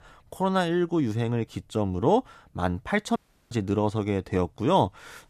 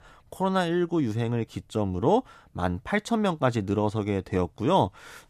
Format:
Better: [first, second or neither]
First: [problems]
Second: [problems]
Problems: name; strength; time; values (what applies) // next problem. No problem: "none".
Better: second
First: audio cutting out; at 3 s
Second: none